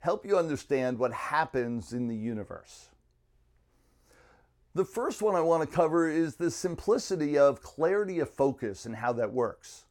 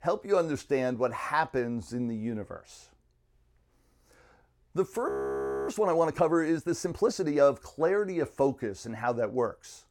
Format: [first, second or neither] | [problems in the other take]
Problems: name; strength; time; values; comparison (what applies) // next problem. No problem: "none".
first | audio freezing; at 5 s for 0.5 s